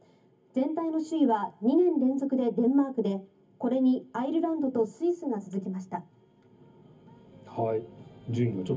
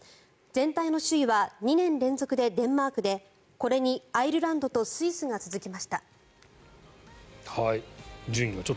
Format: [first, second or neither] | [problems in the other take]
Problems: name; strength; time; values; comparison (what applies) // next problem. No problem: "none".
second | room echo; dies away in 0.3 s